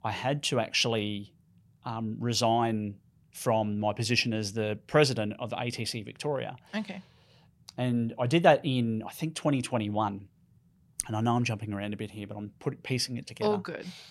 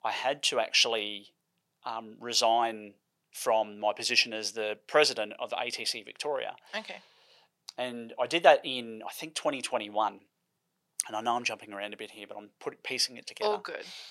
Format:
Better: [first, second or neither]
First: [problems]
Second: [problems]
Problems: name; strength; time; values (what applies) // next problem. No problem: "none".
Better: first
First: none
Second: thin; very; fading below 550 Hz